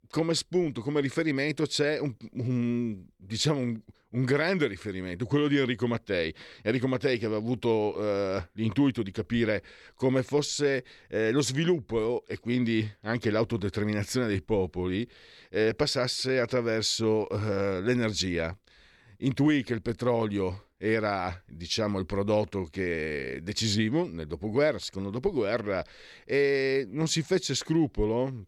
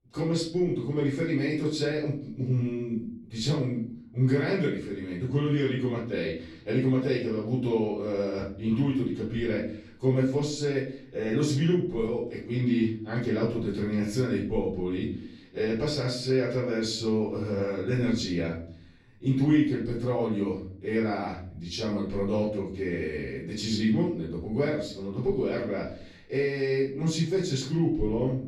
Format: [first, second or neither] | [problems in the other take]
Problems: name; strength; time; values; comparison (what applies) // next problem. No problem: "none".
first | off-mic speech; far // room echo; noticeable; dies away in 0.6 s